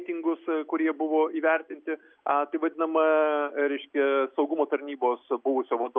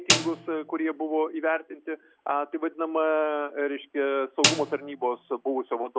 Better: first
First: none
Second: background sound (Snare drum); 1 dB below the speech

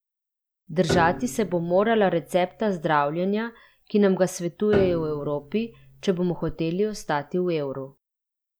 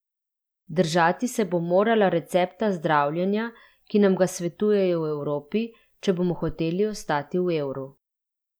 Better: second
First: background sound (Piano); 11 dB below the speech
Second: none

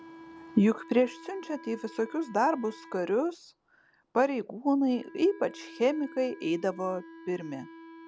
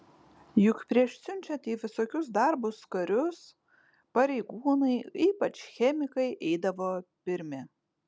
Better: second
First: background sound (Wind instrument, woodwind instrument); 19 dB below the speech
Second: none

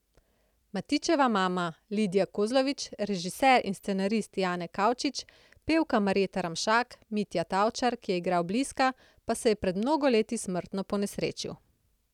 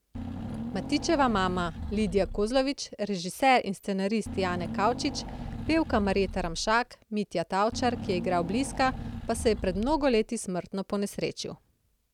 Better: first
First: none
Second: background sound (Engine / Car); 8 dB below the speech

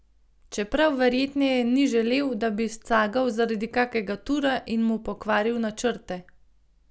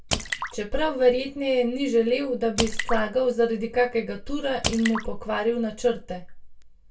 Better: first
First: none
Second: background sound (Drip / Splash, splatter); 10 dB below the speech // room echo; dies away in 0.2 s

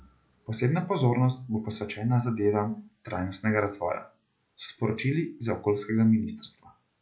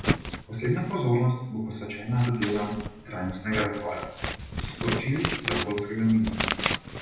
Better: first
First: none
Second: background sound (Scissors); 5 dB below the speech // room echo; dies away in 0.9 s

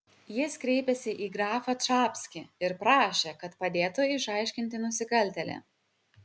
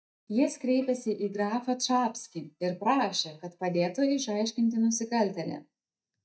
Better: first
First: none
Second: noise reduction (neural mask model DeepFilterNet 3)

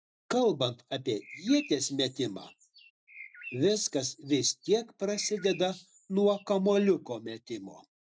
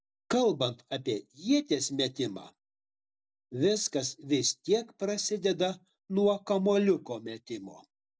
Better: second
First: noise reduction (neural mask model RNNoise)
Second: none

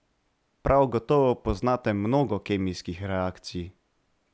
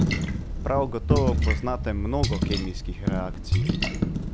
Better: first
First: none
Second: background sound (Coin (dropping) + Splash, splatter); 5 dB above the speech

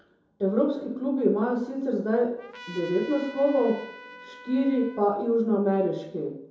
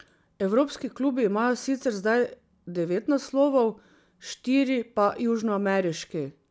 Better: second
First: background sound (Trumpet); 18 dB below the speech // room echo; dies away in 2.6 s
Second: none

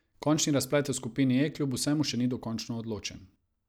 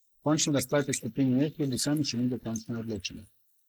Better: first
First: none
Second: noise reduction (neural mask model Resemble Enhance denoiser)

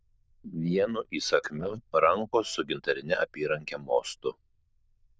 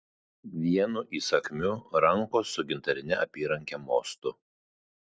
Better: second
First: noise reduction (neural diffusion model UNIVERSE++)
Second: none

